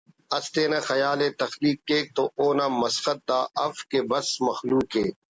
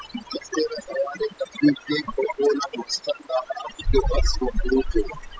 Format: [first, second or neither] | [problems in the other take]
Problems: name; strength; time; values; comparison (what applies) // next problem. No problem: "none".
first | noise reduction (classical method spectral subtraction)